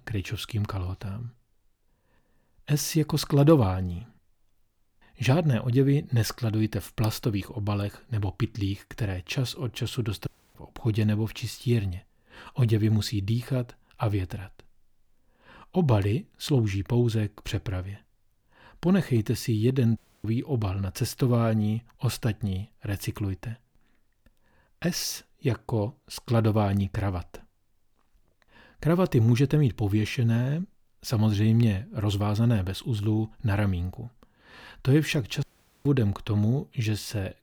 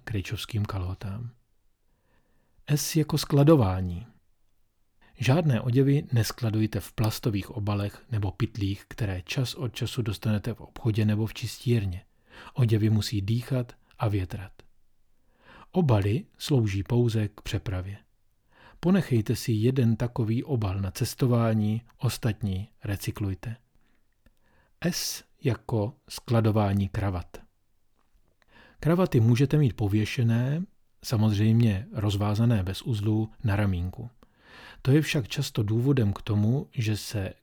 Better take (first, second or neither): second